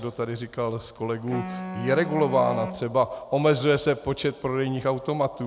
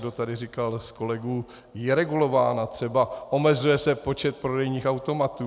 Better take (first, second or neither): second